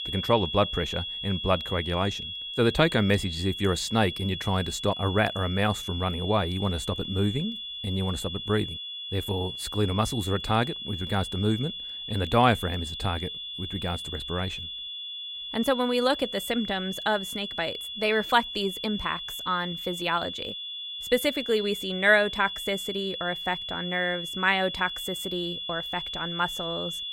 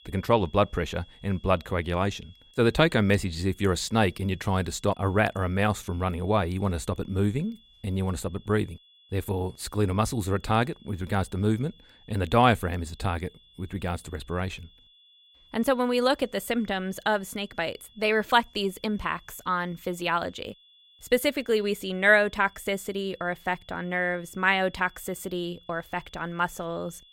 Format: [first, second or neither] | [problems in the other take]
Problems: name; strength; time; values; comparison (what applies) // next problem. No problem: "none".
second | high-pitched whine; loud; throughout; 3.5 kHz, 6 dB below the speech; faint in the second